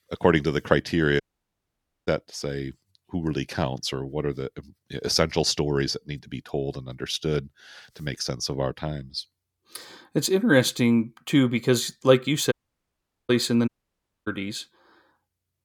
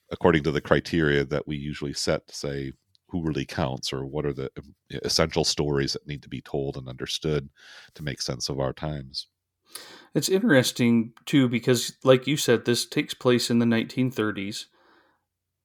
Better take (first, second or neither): second